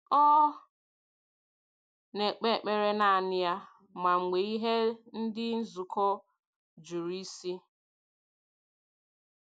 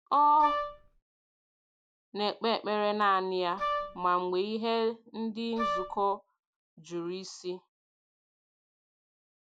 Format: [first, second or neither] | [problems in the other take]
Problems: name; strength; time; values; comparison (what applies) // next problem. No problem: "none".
first | background sound (Wind instrument, woodwind instrument); 3 dB below the speech